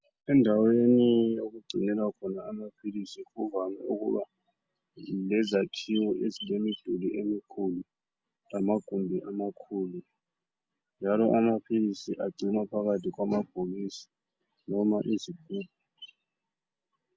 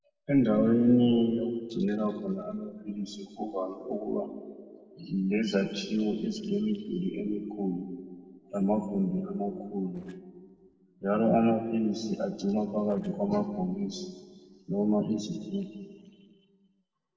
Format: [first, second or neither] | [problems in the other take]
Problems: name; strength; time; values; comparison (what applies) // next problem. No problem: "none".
first | noise reduction (neural separator model SepFormer DNS4)